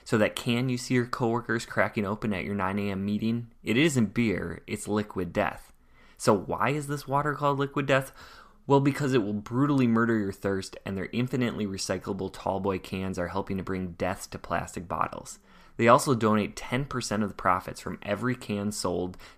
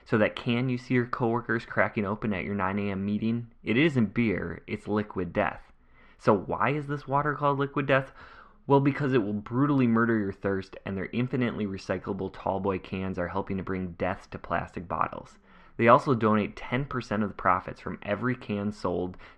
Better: first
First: none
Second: muffled; slightly; fading above 2.5 kHz

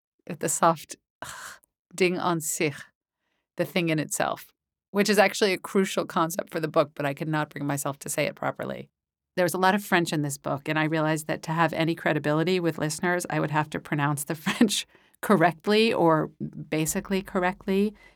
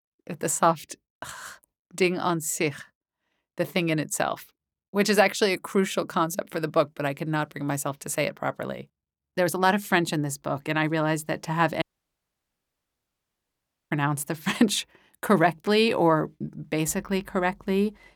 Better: first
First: none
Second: audio cutting out; at 12 s for 2 s

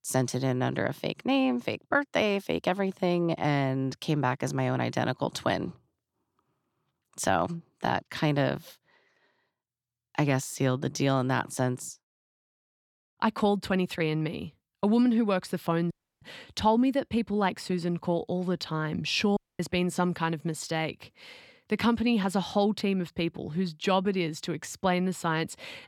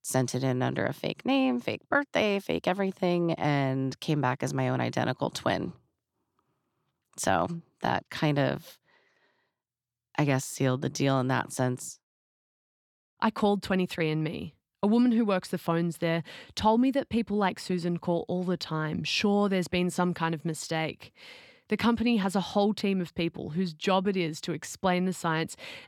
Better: second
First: audio cutting out; at 16 s and at 19 s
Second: none

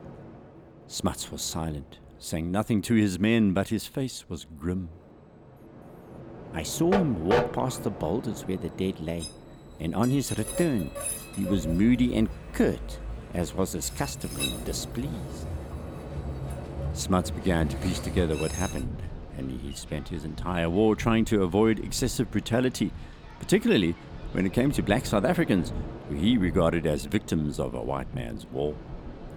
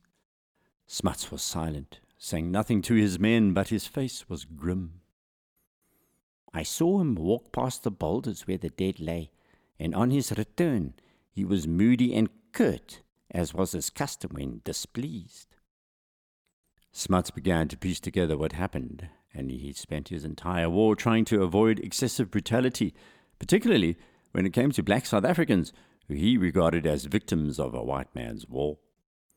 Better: second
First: train or aircraft noise; loud; throughout; 9 dB below the speech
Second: none

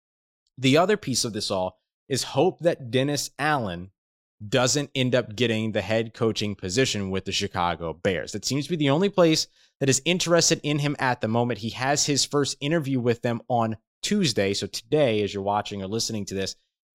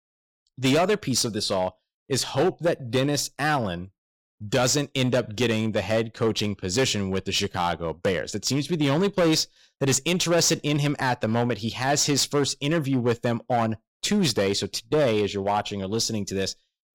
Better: first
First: none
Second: distortion; slight; 7% of the sound clipped

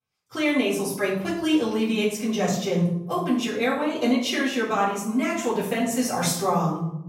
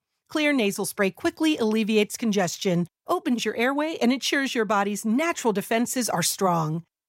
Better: second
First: off-mic speech; far // room echo; noticeable; dies away in 0.8 s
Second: none

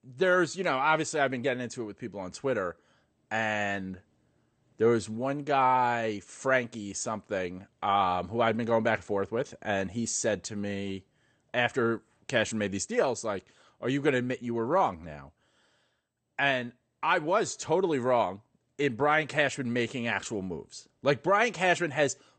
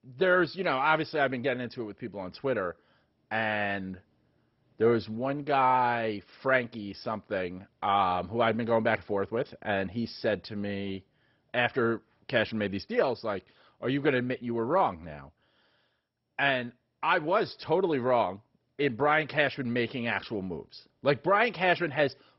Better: first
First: garbled, watery; slightly; nothing above 8.5 kHz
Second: garbled, watery; badly; nothing above 5.5 kHz

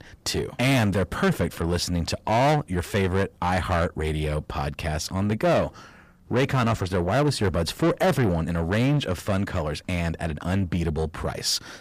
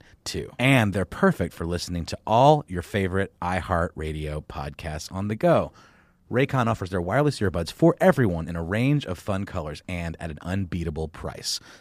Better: second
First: distortion; heavy; 6 dB below the speech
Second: none

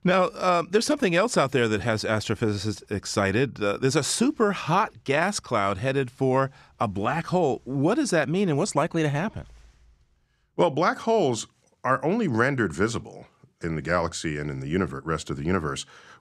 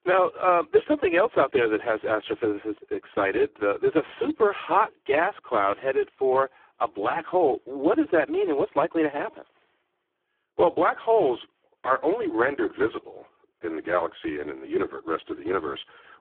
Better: first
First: none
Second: phone-call audio; poor line

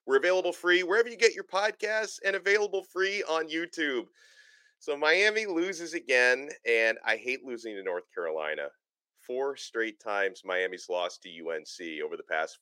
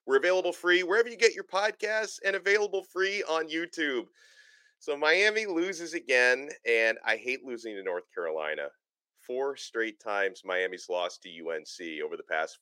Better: neither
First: thin; somewhat; fading below 350 Hz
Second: thin; somewhat; fading below 350 Hz

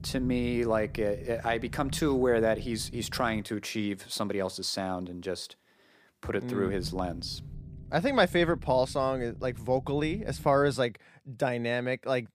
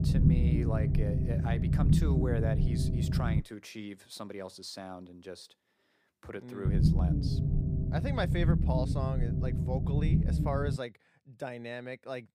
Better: first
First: low rumble; faint; until 3.5 s and from 6.5 to 11 s; 25 dB below the speech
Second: low rumble; loud; until 3.5 s and from 6.5 to 11 s; as loud as the speech

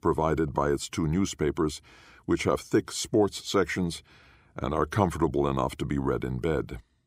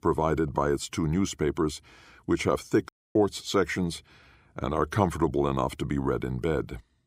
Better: first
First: none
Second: audio cutting out; at 3 s

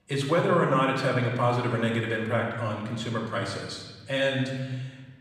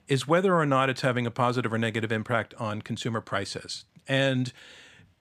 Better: second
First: off-mic speech; somewhat distant // room echo; noticeable; dies away in 1.2 s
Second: none

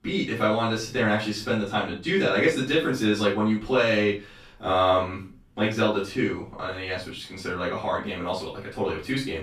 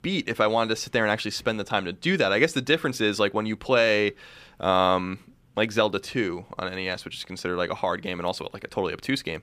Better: second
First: off-mic speech; far // room echo; noticeable; dies away in 0.3 s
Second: none

